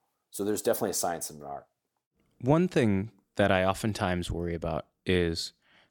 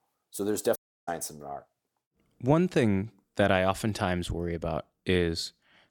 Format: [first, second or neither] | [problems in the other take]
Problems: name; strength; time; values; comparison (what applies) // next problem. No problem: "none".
first | audio cutting out; at 1 s